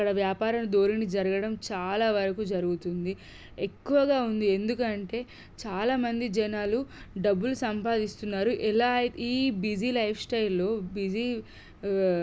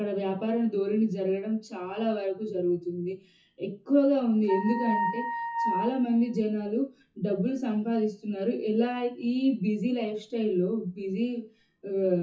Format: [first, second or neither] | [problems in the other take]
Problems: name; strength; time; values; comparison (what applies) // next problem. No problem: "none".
first | noise reduction (classical method WPE with log-MMSE)